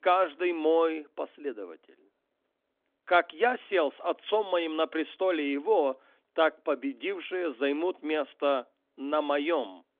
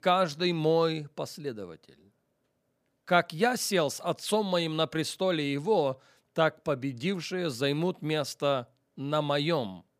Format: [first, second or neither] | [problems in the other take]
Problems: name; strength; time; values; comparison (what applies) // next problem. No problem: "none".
second | phone-call audio; nothing above 3.5 kHz